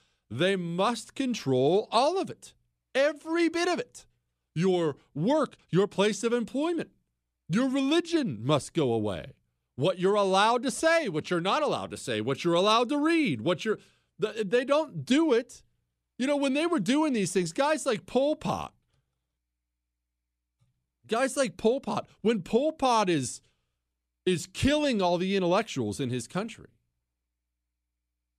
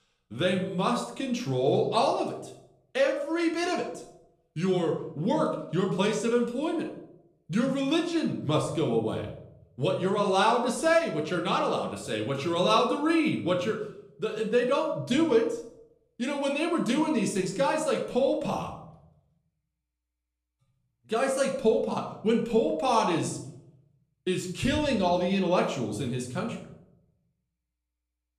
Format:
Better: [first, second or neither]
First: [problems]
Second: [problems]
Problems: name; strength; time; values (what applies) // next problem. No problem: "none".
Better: first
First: none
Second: room echo; slight; dies away in 0.6 s // off-mic speech; somewhat distant